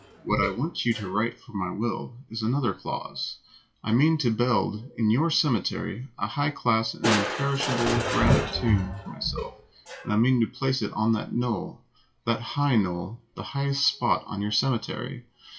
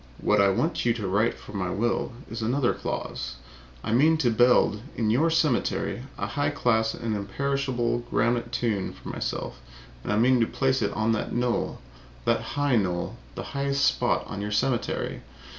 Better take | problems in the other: second | noise reduction (classical method WPE with log-MMSE)

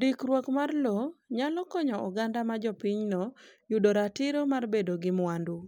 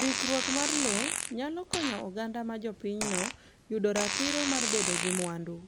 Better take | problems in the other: first | background sound (Fart); 1 dB below the speech

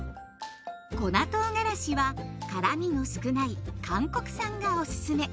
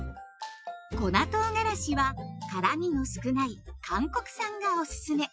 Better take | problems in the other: first | noise reduction (classical method Wiener filter)

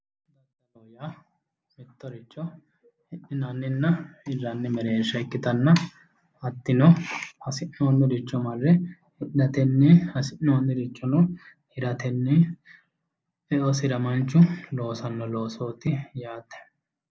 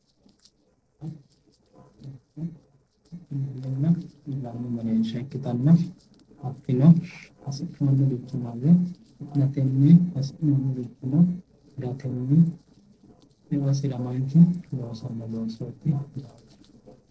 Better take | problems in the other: first | noise reduction (neural separator model SepFormer DNS4)

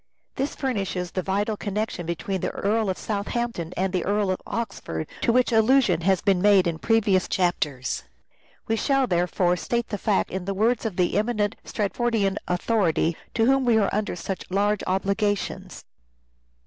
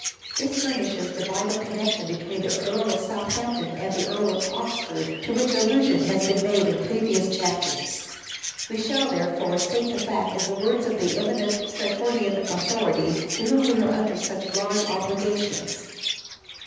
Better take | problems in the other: first | background sound (Chirp, tweet); 8 dB below the speech // room echo; dies away in 1.1 s

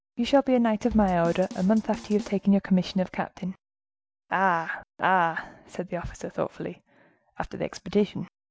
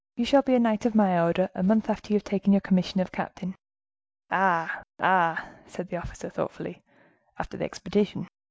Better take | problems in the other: second | background sound (Drum kit); 15 dB below the speech

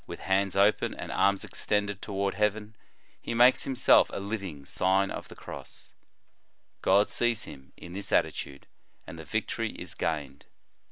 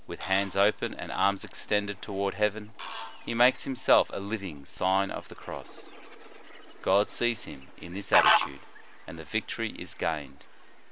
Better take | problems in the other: first | background sound (Fowl); 6 dB below the speech

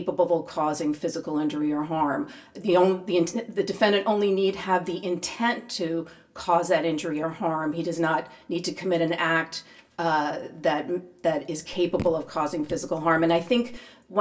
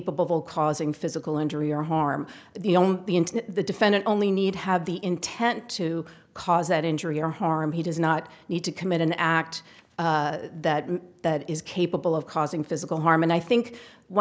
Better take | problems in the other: second | background sound (Raindrop / Drip); 15 dB below the speech // room echo; dies away in 0.2 s

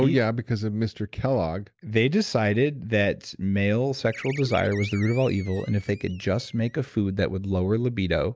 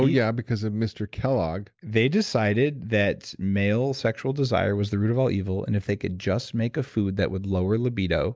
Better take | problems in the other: second | background sound (Animal); 17 dB below the speech

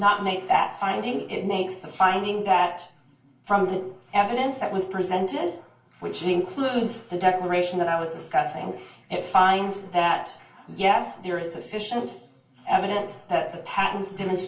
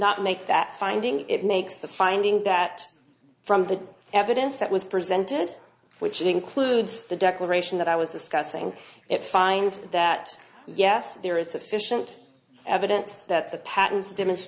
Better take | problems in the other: second | room echo; dies away in 0.3 s

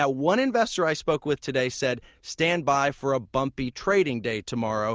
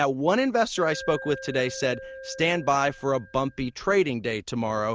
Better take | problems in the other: first | background sound (Alarm); 16 dB below the speech

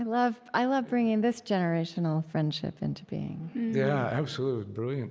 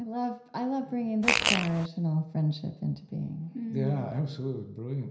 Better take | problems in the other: first | background sound (Fart); 4 dB above the speech // room echo; dies away in 0.5 s

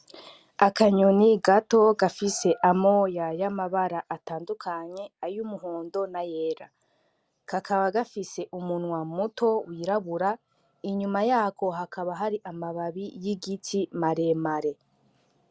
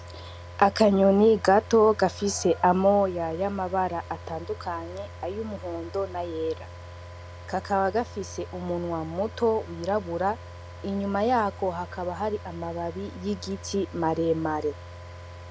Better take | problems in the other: first | background sound (Car); 15 dB below the speech

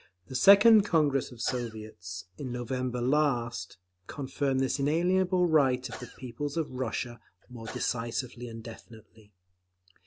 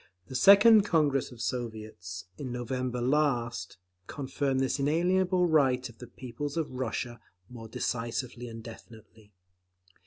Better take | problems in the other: second | background sound (Sneeze / Cough); 20 dB below the speech

